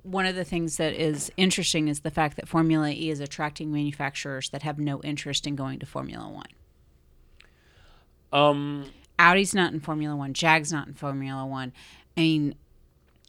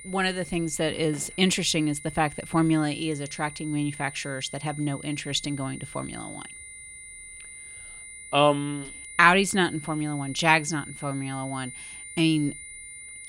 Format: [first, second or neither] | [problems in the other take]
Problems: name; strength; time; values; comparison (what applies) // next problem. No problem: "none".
first | high-pitched whine; noticeable; throughout; 2 kHz, 15 dB below the speech